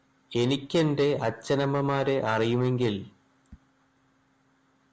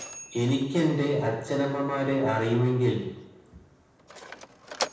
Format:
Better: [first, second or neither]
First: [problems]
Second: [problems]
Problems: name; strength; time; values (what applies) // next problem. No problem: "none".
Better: first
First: none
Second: background sound (Mechanisms); 15 dB below the speech // room echo; dies away in 0.9 s